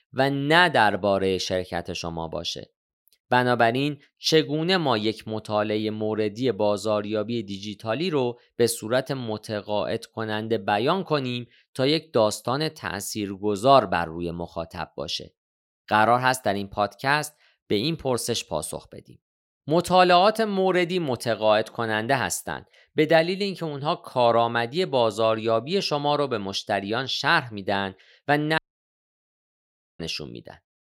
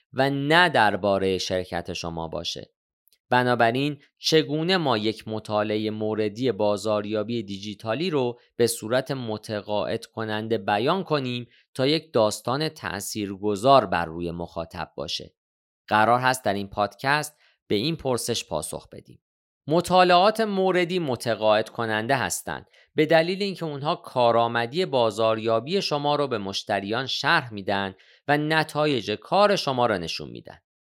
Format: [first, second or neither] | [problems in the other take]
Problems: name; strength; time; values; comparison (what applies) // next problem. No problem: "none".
second | audio cutting out; at 29 s for 1.5 s